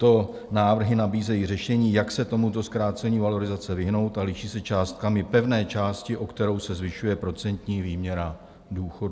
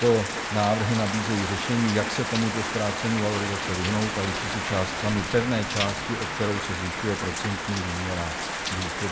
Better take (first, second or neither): first